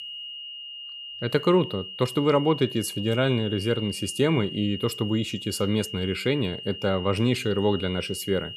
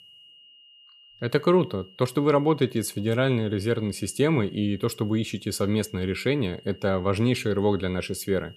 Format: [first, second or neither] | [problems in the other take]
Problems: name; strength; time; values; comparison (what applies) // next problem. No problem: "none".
second | high-pitched whine; loud; throughout; 3 kHz, 10 dB below the speech; faint in the second